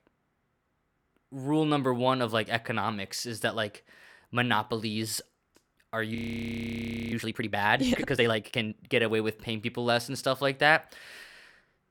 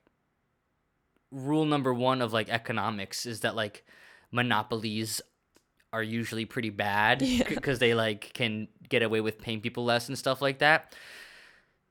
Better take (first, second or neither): second